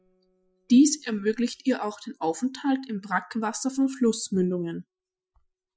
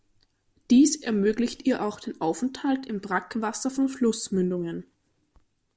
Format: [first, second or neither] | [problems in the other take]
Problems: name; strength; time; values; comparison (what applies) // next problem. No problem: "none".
second | noise reduction (classical method Wiener filter)